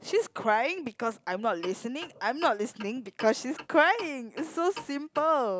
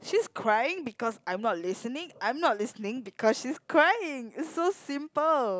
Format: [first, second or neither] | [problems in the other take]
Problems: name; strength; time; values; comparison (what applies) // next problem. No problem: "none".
second | background sound (Clock); 18 dB below the speech